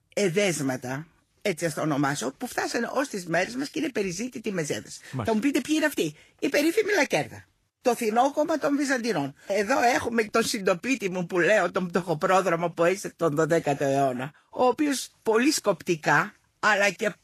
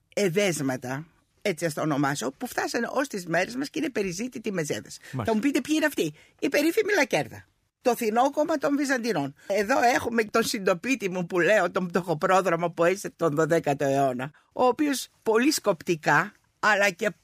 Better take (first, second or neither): second